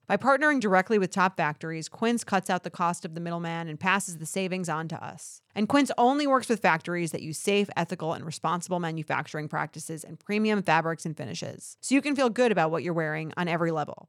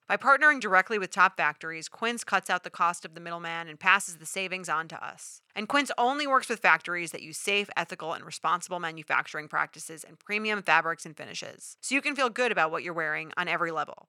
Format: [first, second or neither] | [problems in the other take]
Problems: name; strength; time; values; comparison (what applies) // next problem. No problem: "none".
first | thin; somewhat; fading below 650 Hz